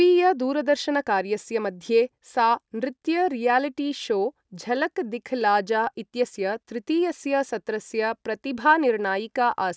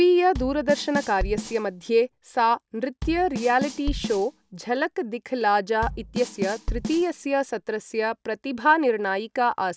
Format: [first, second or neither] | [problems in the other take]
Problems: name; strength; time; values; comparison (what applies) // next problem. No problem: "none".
first | background sound (Bass drum / Snare drum / Drum kit); 9 dB below the speech